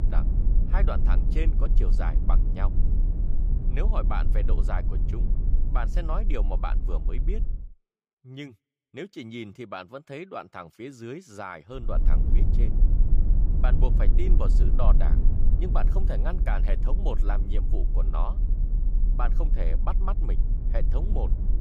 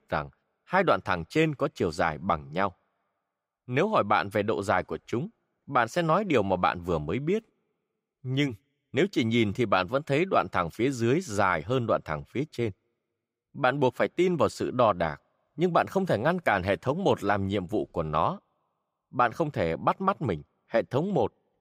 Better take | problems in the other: second | low rumble; loud; until 7.5 s and from 12 s on; 8 dB below the speech

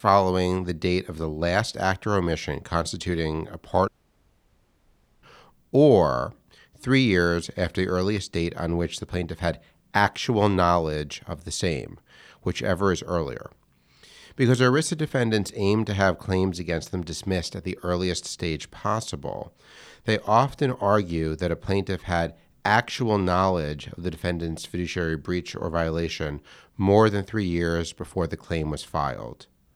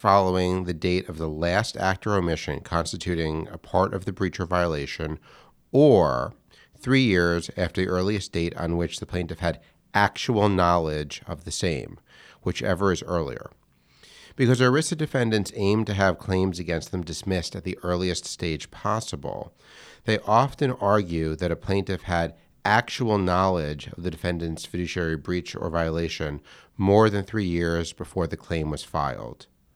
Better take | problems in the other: second | audio cutting out; at 4 s for 1.5 s

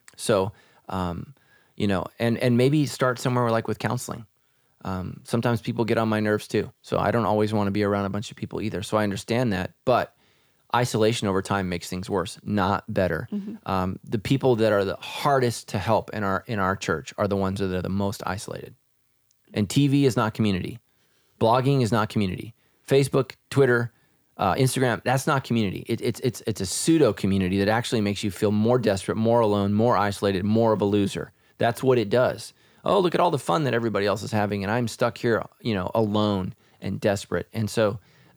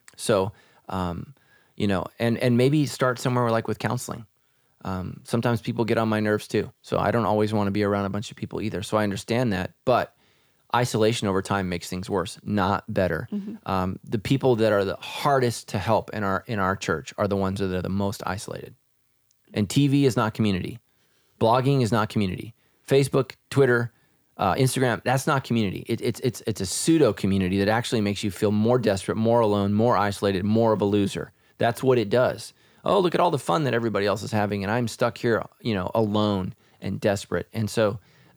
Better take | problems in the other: neither | none

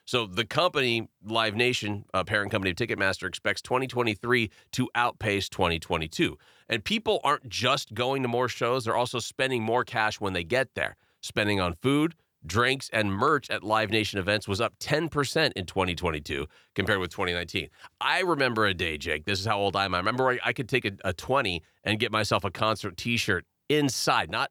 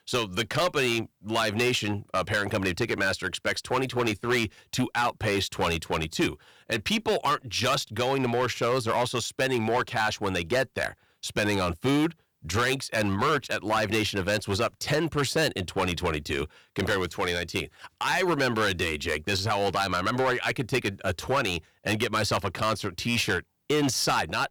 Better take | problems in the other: first | distortion; heavy; 8% of the sound clipped

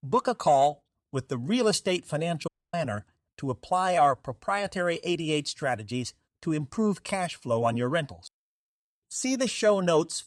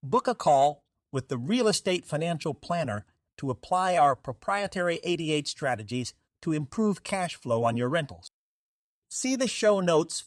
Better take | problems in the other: second | audio cutting out; at 2.5 s

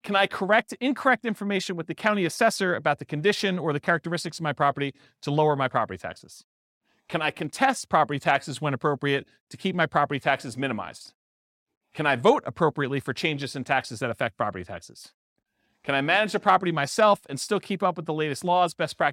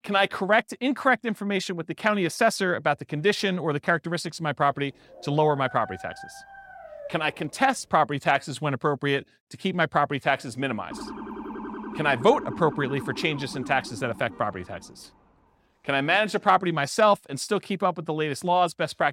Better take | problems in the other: first | dog barking; faint; from 5 to 7.5 s; peak 15 dB below the speech // siren; faint; from 11 to 15 s; peak 10 dB below the speech

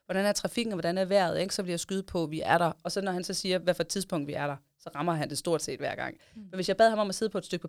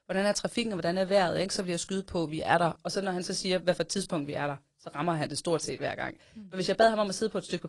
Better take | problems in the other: first | garbled, watery; slightly; nothing above 10 kHz

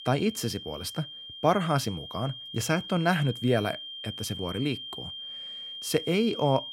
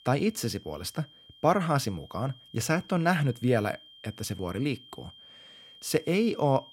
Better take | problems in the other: second | high-pitched whine; loud; throughout; 3 kHz, 9 dB below the speech; faint in the second

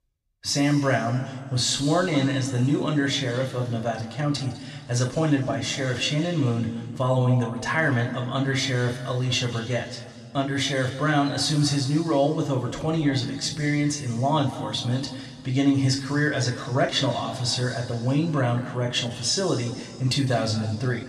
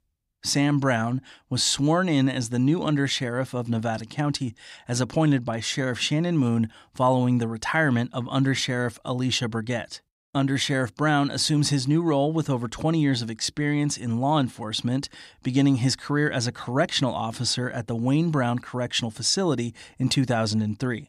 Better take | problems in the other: second | room echo; noticeable; dies away in 1.9 s // off-mic speech; somewhat distant

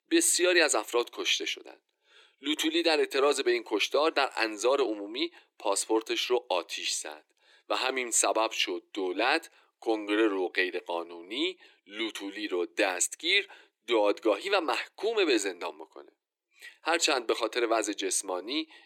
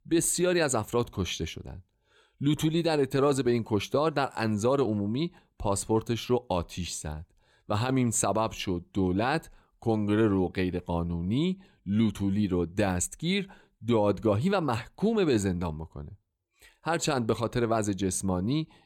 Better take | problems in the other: second | thin; very; fading below 300 Hz

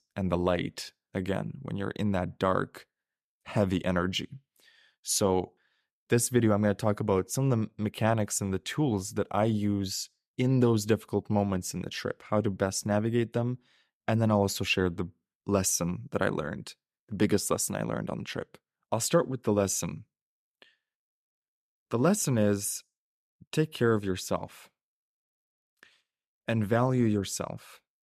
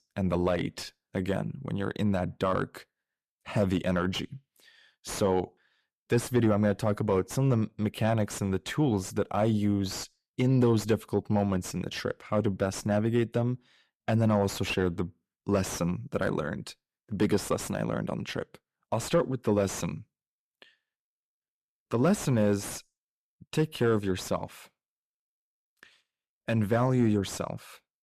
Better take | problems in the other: first | distortion; slight; 10 dB below the speech

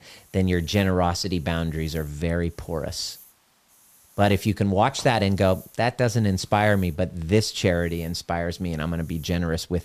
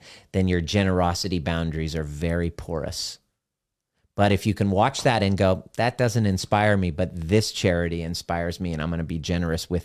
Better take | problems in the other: second | hiss; faint; throughout; 25 dB below the speech

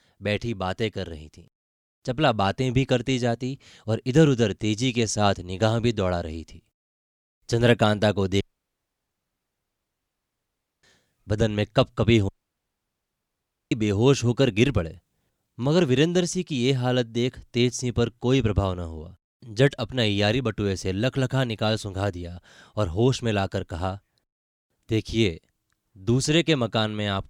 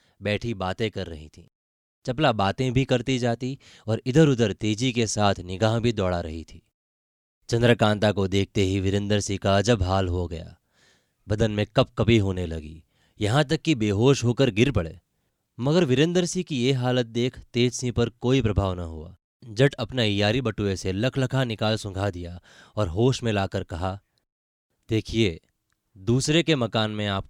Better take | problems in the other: second | audio cutting out; at 8.5 s for 2.5 s and at 12 s for 1.5 s

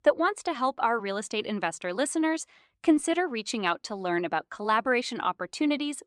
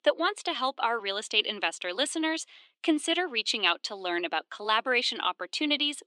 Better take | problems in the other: first | thin; very slightly; fading below 250 Hz

